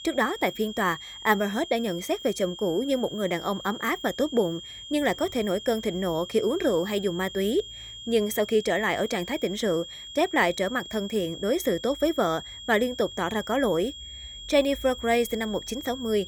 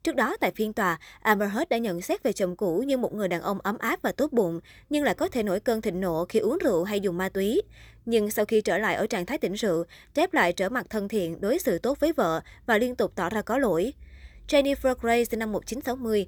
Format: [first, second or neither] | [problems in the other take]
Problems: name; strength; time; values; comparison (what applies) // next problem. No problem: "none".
second | high-pitched whine; noticeable; throughout; 3 kHz, 10 dB below the speech